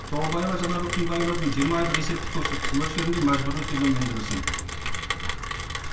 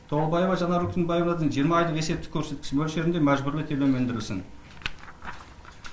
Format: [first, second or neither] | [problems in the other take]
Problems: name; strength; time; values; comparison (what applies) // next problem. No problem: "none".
second | background sound (Rain); 5 dB below the speech // room echo; dies away in 1.4 s